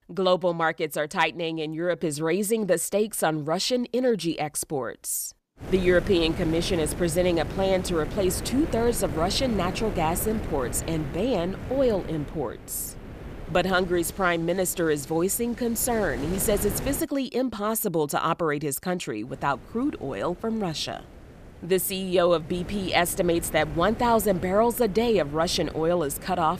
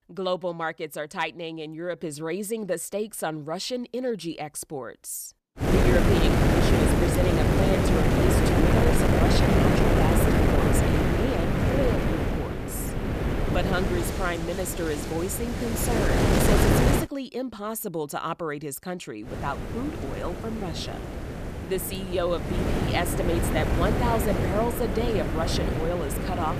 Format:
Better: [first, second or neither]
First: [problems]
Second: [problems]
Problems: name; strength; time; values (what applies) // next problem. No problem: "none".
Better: first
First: wind noise on the microphone; occasional gusts; from 5.5 to 17 s and from 19 s on; 15 dB below the speech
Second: wind noise on the microphone; heavy; from 5.5 to 17 s and from 19 s on; 3 dB above the speech